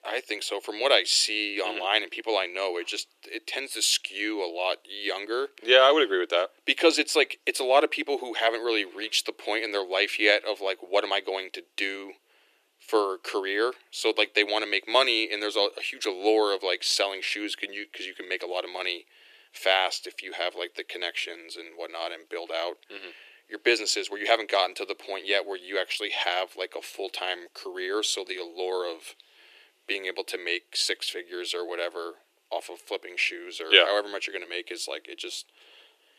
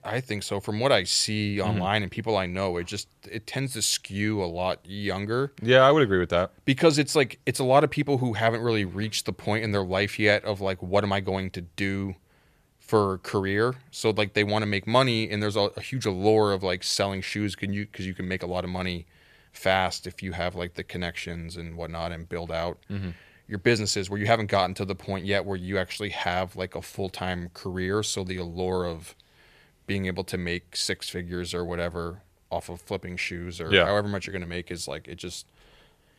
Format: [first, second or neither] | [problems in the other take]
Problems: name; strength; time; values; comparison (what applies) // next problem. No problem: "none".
second | thin; very; fading below 300 Hz